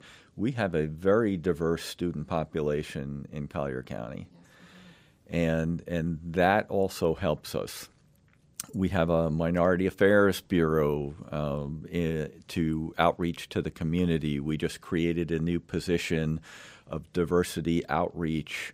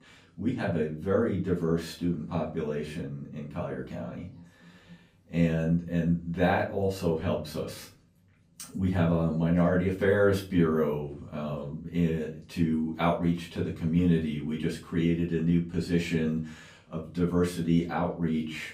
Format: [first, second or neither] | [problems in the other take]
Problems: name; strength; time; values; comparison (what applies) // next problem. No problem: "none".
first | off-mic speech; far // room echo; slight; dies away in 0.3 s